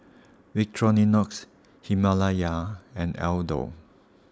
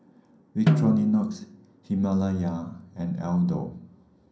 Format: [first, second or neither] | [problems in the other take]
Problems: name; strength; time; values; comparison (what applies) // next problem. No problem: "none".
first | background sound (Snare drum); 1 dB below the speech // room echo; dies away in 0.6 s